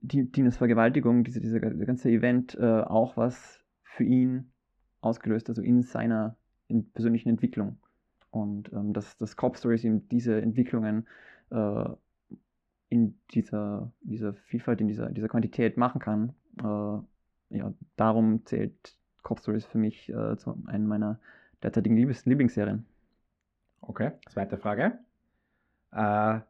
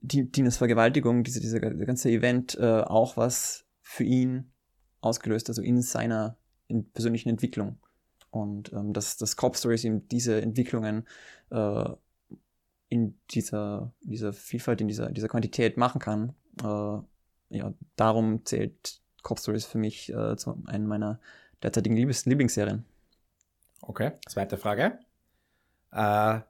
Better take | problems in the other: second | muffled; very; fading above 2 kHz

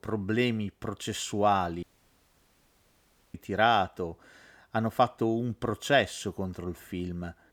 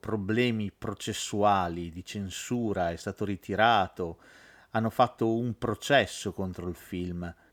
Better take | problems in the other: second | audio cutting out; at 2 s for 1.5 s

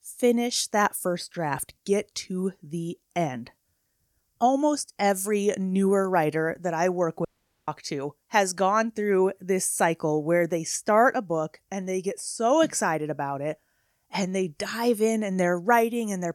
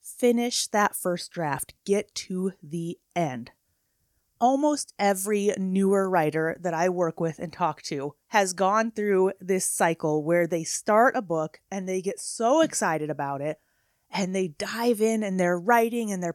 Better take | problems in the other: second | audio cutting out; at 7.5 s

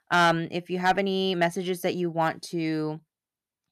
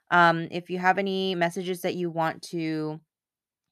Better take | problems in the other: second | distortion; slight; 1.5% of the sound clipped

